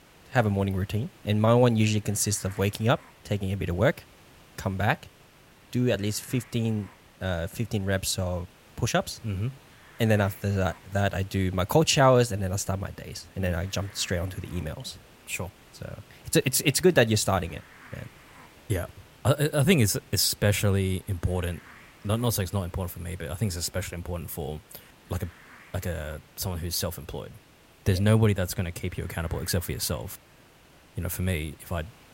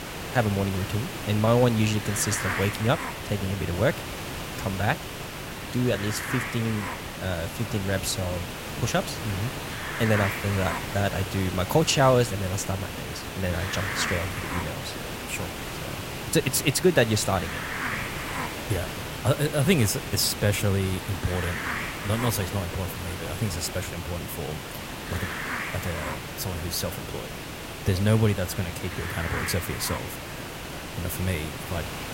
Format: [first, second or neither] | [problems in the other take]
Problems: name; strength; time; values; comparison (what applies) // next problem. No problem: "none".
first | hiss; loud; throughout; 6 dB below the speech; faint in the first